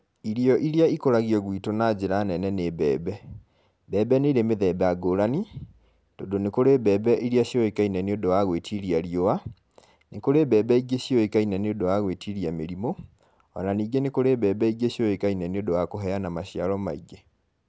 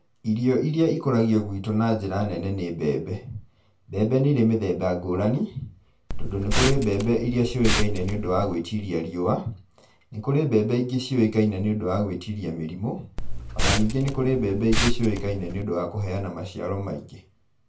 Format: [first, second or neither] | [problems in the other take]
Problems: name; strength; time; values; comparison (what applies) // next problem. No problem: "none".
first | background sound (Liquid); as loud as the speech // room echo; dies away in 0.3 s